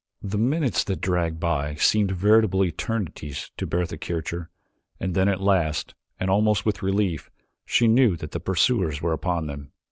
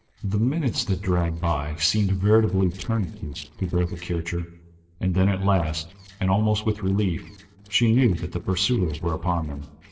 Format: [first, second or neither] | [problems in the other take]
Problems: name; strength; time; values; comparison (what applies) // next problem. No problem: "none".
first | noise reduction (neural separator model SepFormer DNS4)